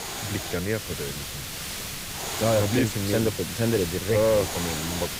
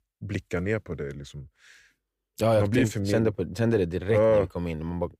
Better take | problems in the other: second | hiss; loud; throughout; 5 dB below the speech

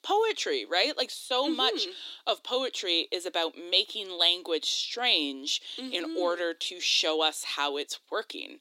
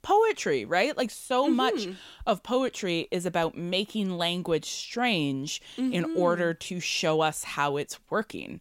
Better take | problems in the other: second | thin; somewhat; fading below 300 Hz

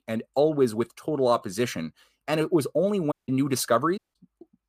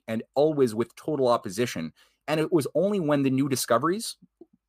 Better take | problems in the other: second | audio cutting out; at 3 s and at 4 s

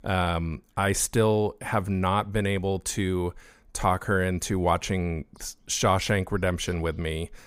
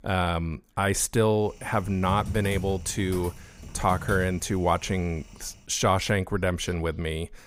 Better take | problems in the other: first | keyboard typing; noticeable; from 1.5 to 5.5 s; peak 8 dB below the speech

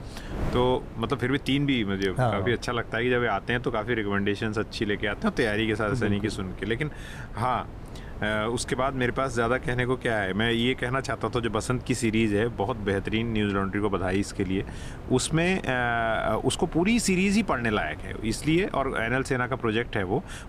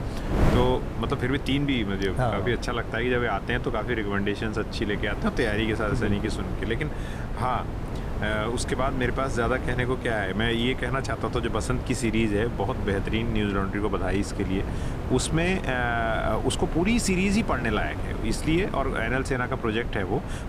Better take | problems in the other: first | wind noise on the microphone; heavy; 9 dB below the speech; occasional gusts in the first

